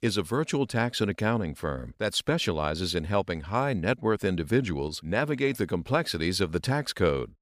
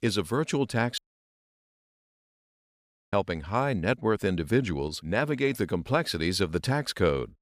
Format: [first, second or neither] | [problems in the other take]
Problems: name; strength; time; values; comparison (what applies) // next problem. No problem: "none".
first | audio cutting out; at 1 s for 2 s